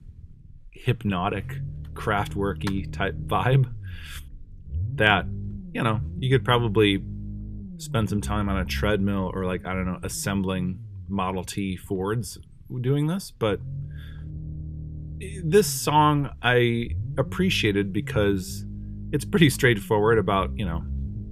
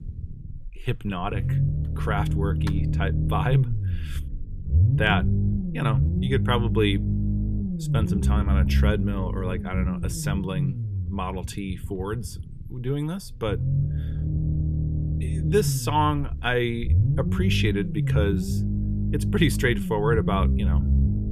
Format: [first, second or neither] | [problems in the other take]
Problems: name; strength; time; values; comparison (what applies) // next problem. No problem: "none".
first | low rumble; loud; throughout; 8 dB below the speech; faint in the first